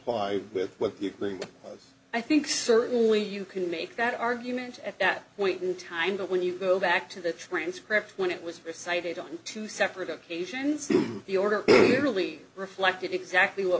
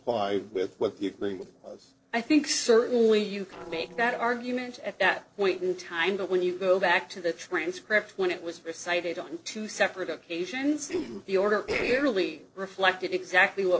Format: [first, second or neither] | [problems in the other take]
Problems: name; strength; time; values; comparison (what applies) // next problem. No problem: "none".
first | noise reduction (neural separator model SepFormer DNS4)